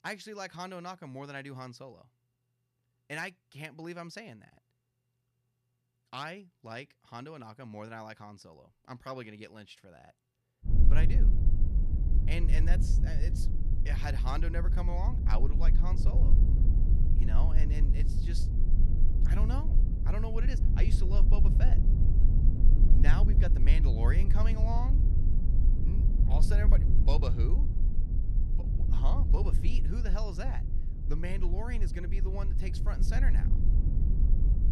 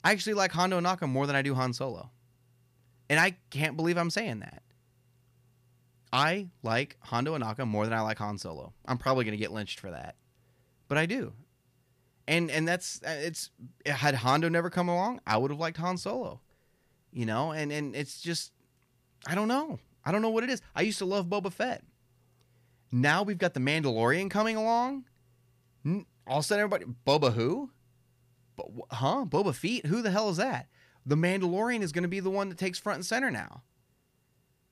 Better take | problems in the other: second | low rumble; loud; from 11 s on; 5 dB below the speech

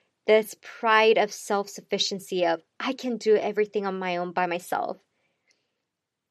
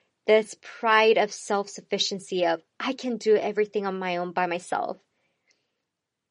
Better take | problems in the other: first | garbled, watery; slightly; nothing above 10.5 kHz

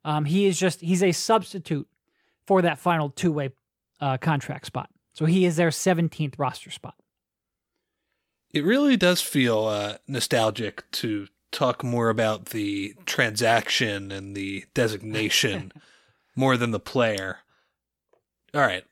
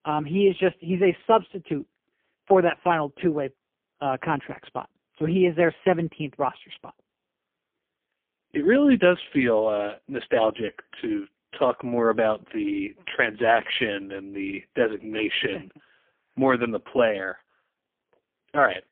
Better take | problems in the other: first | phone-call audio; poor line; nothing above 3 kHz

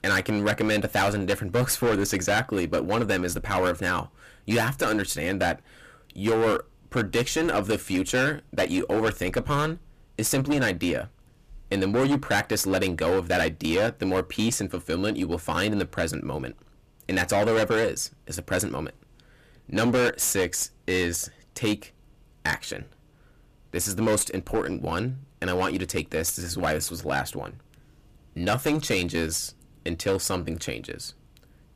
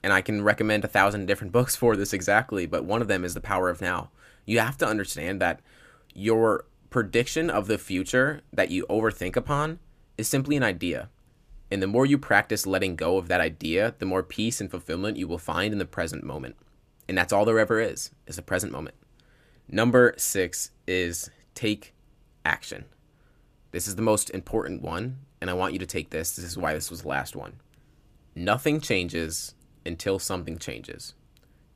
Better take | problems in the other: second | distortion; heavy; 10% of the sound clipped

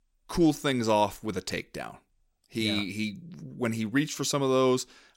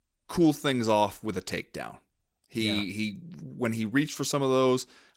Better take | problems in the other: first | garbled, watery; slightly; nothing above 16 kHz

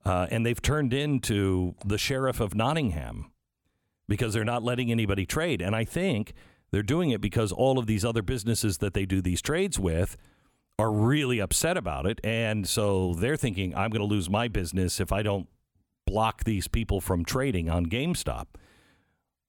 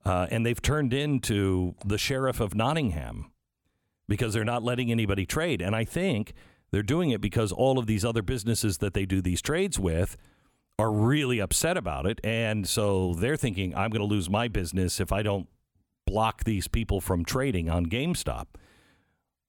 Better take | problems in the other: neither | none

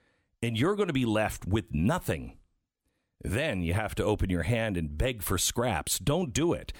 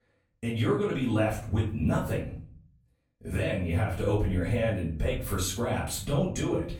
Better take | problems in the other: first | off-mic speech; far // room echo; noticeable; dies away in 0.6 s

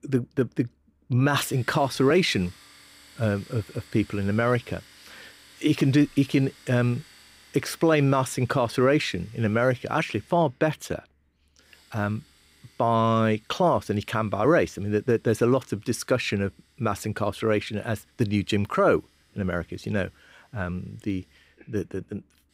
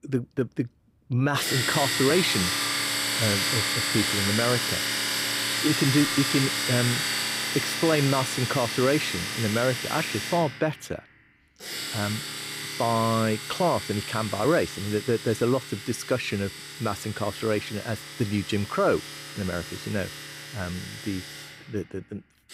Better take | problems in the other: first | household noises; loud; throughout; 1 dB below the speech; faint in the first

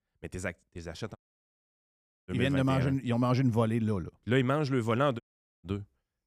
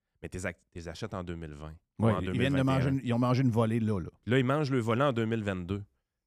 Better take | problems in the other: second | audio cutting out; at 1 s for 1 s and at 5 s

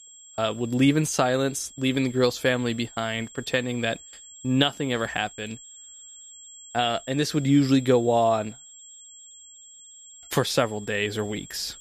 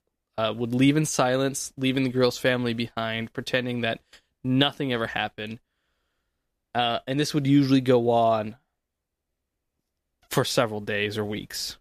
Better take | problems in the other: second | high-pitched whine; noticeable; throughout; 7.5 kHz, 20 dB below the speech

